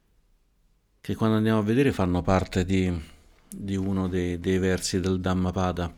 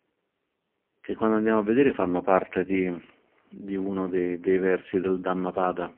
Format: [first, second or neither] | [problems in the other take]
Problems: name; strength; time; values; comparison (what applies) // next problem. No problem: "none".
first | phone-call audio; poor line